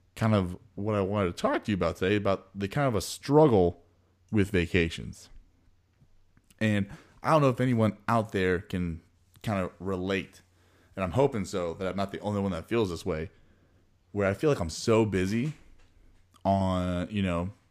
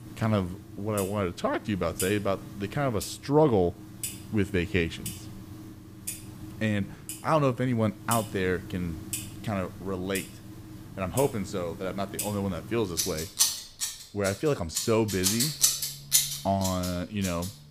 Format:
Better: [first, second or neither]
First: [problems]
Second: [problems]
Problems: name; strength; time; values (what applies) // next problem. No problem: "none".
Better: first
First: none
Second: household noises; loud; throughout; 2 dB below the speech